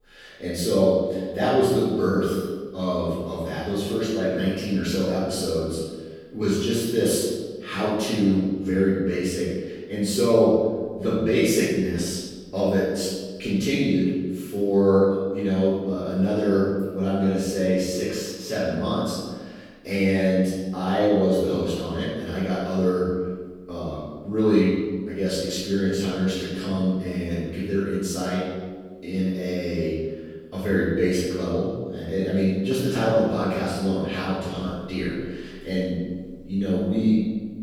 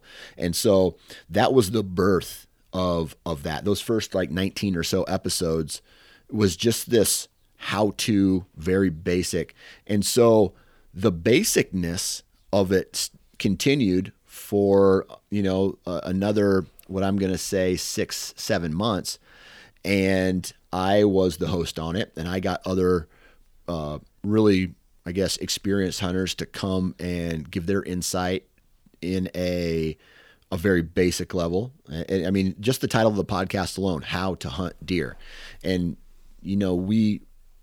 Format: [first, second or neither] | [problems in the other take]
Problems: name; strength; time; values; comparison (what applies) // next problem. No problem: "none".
second | off-mic speech; far // room echo; strong; dies away in 1.3 s